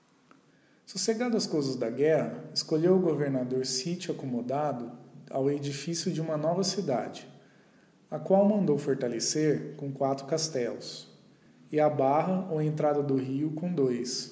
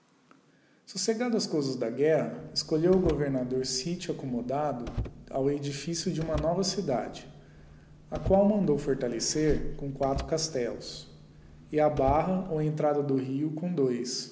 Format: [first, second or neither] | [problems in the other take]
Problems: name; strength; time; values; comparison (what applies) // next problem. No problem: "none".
first | background sound (Vehicle + Car); 11 dB below the speech